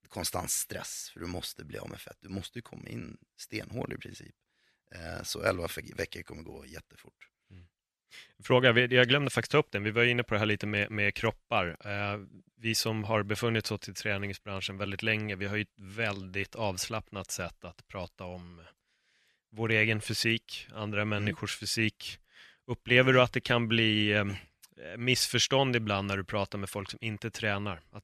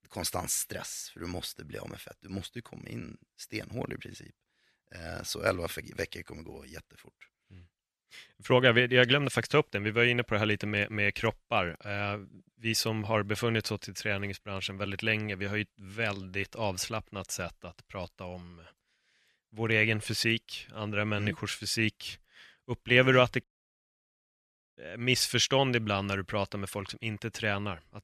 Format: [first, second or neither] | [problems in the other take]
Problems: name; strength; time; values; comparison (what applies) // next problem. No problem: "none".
first | audio cutting out; at 23 s for 1.5 s